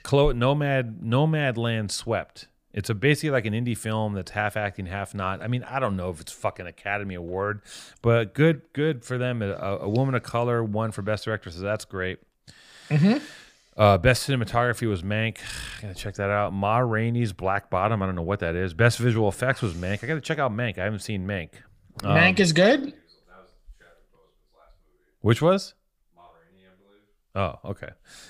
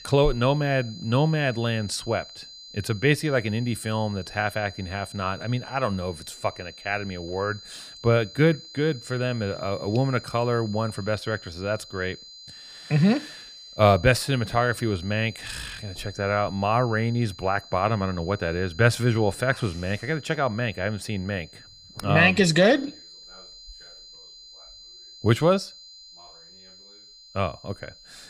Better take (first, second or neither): first